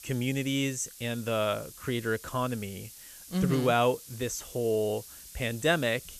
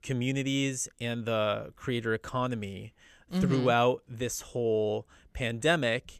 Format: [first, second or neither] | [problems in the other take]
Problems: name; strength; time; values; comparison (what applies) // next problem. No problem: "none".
second | hiss; noticeable; throughout; 15 dB below the speech